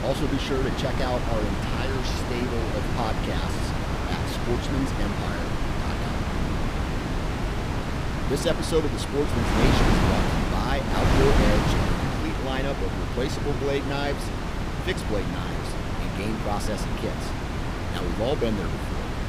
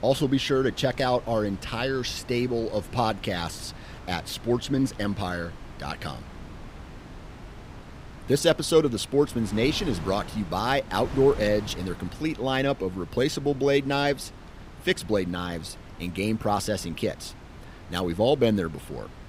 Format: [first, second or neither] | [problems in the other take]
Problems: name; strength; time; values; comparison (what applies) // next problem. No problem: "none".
second | wind noise on the microphone; heavy; 1 dB above the speech; occasional gusts in the second